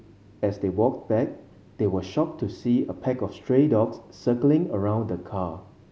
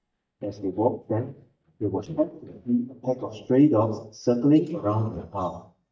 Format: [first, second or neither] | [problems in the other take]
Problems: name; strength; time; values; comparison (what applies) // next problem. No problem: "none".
first | noise reduction (neural mask model DeepFilterNet 3)